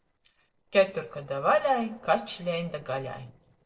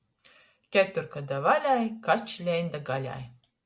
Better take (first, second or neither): second